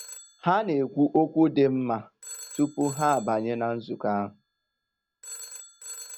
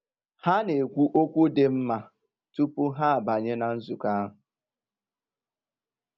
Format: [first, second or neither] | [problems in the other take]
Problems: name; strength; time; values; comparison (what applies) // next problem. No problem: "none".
second | background sound (Telephone); 19 dB below the speech